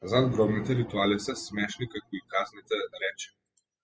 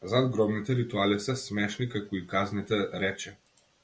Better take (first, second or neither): second